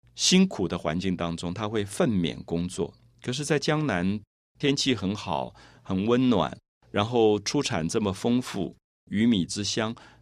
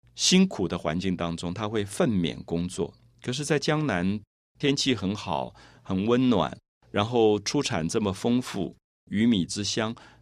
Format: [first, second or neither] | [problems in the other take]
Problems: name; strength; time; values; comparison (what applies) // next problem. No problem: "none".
neither | none